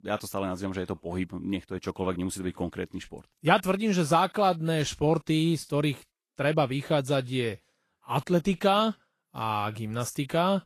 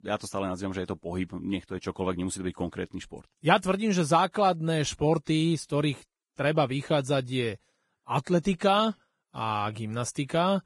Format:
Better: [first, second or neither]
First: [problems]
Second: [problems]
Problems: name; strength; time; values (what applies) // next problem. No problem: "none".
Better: first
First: garbled, watery; slightly; nothing above 13 kHz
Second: garbled, watery; badly; nothing above 10.5 kHz